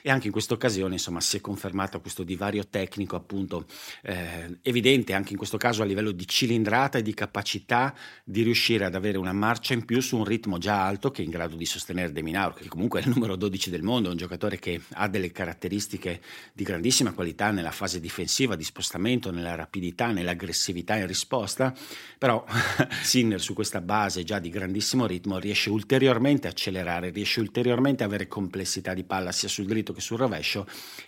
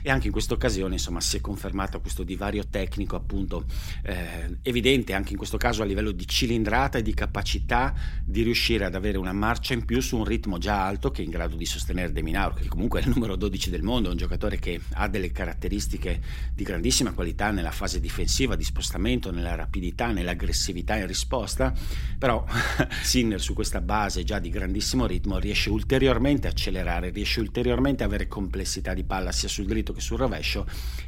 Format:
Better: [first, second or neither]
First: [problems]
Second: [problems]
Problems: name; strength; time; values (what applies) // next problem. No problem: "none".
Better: first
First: none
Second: low rumble; faint; throughout; 25 dB below the speech